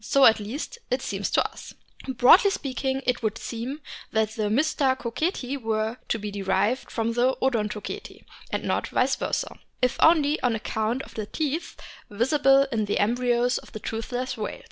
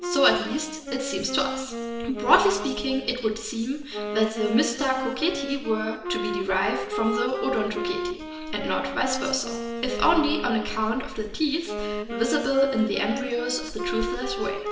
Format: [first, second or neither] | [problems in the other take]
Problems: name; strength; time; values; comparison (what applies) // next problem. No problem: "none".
first | background sound (Wind instrument, woodwind instrument); 6 dB below the speech // room echo; dies away in 1 s